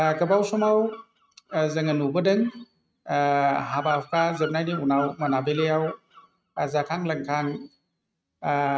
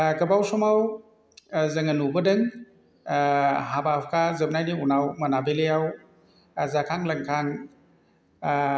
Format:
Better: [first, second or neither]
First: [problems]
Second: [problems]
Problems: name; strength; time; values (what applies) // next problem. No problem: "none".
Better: second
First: noise reduction (neural mask model RNNoise)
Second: none